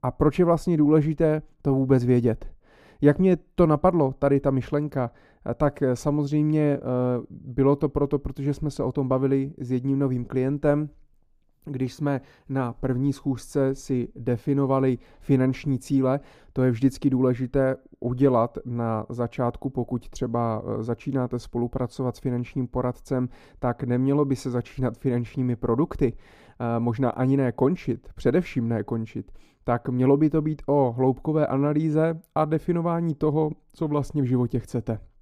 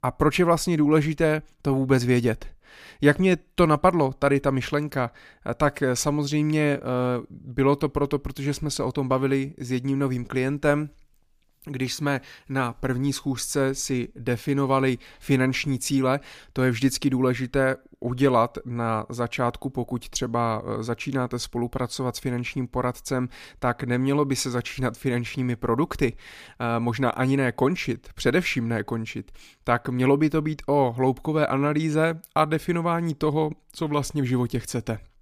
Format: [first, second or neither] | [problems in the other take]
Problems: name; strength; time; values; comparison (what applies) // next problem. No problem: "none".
second | muffled; slightly; fading above 1 kHz